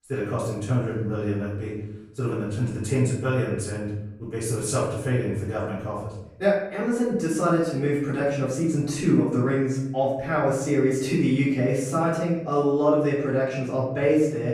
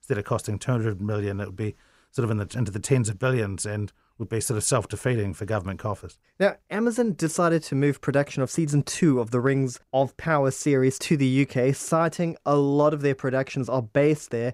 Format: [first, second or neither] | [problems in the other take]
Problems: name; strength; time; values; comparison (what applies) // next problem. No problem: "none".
second | off-mic speech; far // room echo; noticeable; dies away in 0.8 s